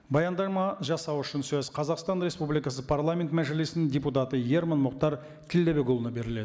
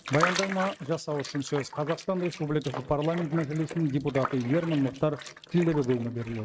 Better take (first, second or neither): first